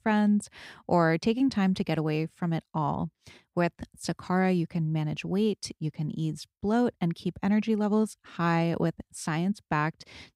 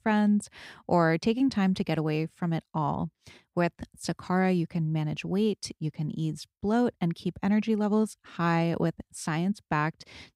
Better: neither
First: none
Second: none

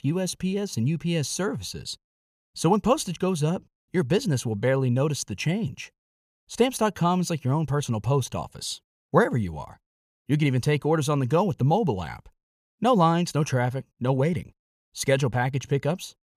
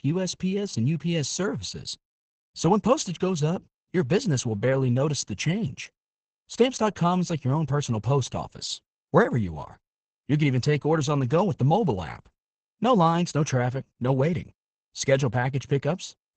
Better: first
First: none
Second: garbled, watery; badly; nothing above 7.5 kHz

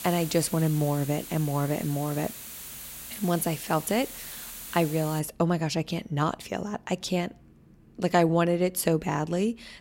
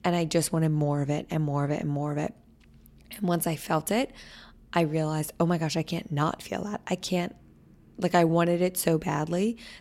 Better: second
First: hiss; noticeable; until 5 s; 10 dB below the speech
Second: none

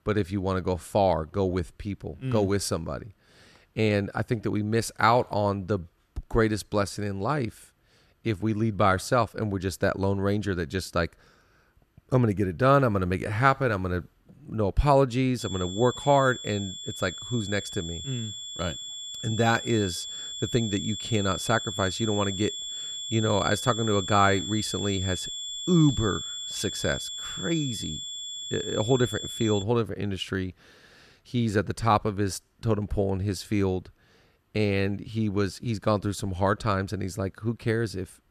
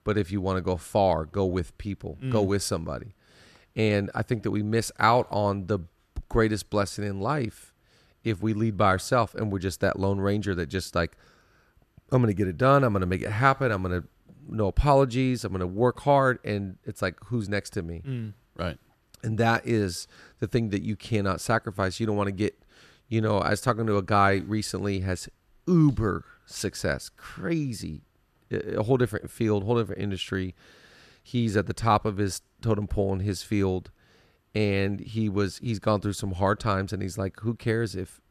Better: second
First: high-pitched whine; loud; from 15 to 30 s; 3.5 kHz, 6 dB below the speech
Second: none

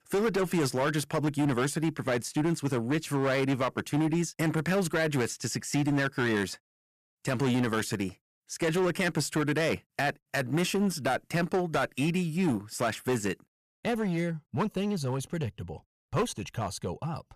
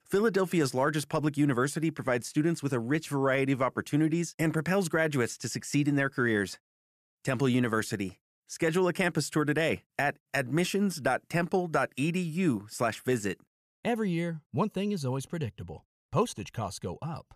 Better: second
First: distortion; slight; 14% of the sound clipped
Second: none

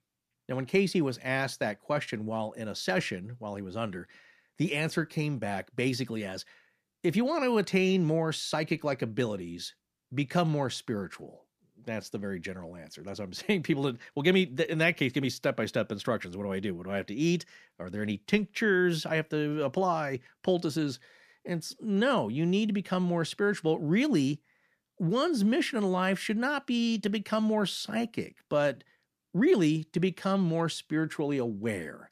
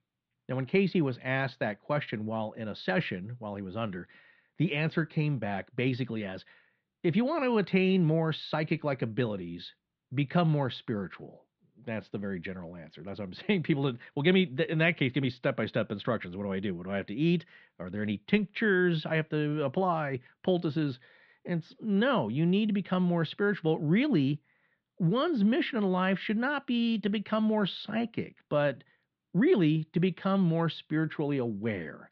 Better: first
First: none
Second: muffled; slightly; fading above 3.5 kHz

